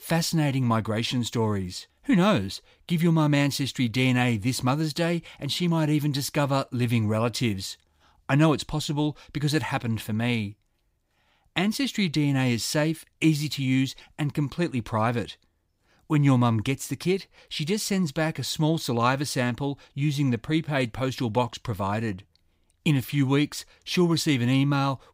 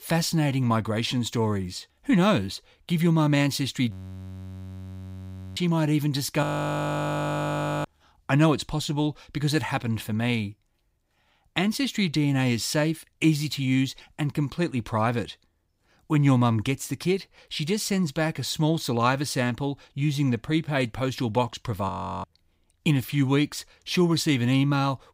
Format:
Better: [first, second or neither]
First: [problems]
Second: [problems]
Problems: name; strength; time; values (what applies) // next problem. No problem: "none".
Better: first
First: none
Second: audio freezing; at 4 s for 1.5 s, at 6.5 s for 1.5 s and at 22 s